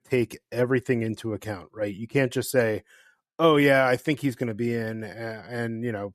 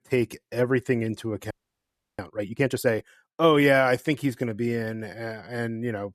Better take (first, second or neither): first